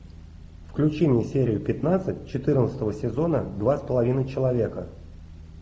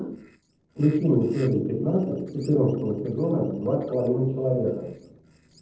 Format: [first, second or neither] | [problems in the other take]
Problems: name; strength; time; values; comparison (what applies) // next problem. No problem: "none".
first | noise reduction (neural separator model SepFormer DNS4)